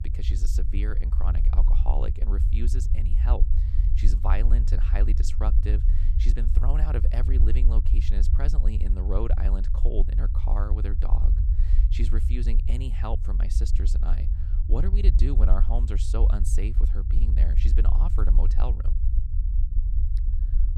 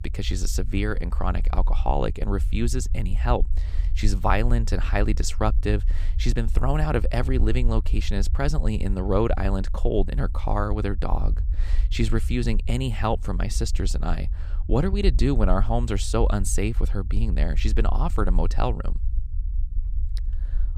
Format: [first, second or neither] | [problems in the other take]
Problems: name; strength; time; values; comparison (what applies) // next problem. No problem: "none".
second | low rumble; loud; throughout; 6 dB below the speech; faint in the second